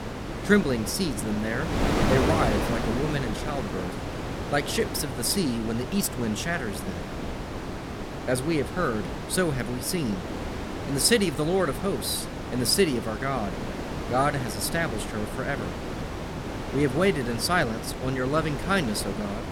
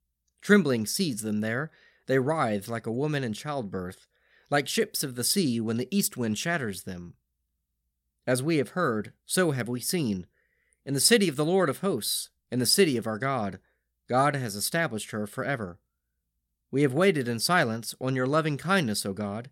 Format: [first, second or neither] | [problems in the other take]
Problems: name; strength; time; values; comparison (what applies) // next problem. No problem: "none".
second | wind noise on the microphone; heavy; 6 dB below the speech